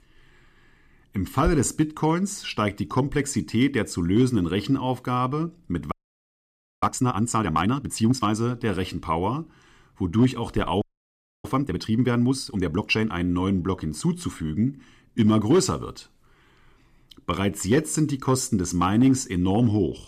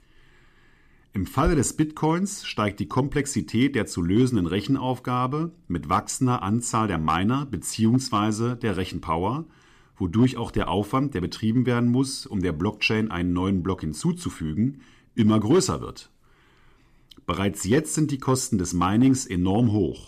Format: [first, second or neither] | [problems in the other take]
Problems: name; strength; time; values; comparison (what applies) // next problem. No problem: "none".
second | audio freezing; at 6 s for 1 s and at 11 s for 0.5 s